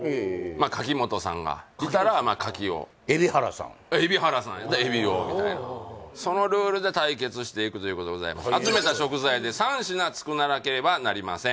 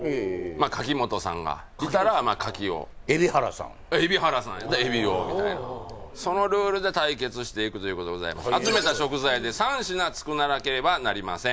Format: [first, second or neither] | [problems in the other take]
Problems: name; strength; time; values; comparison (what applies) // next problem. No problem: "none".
first | background sound (Tick); 20 dB below the speech